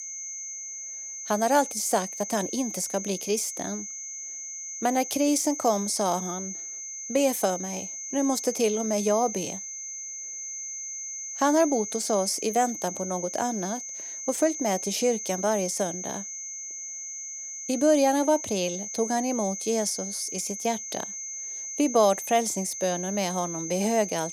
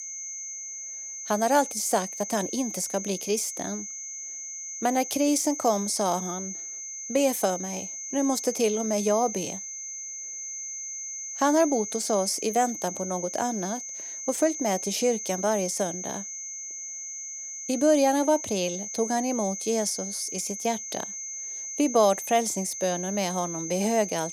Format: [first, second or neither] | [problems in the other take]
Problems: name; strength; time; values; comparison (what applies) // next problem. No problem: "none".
neither | high-pitched whine; loud; throughout; 6 kHz, 7 dB below the speech; the same in both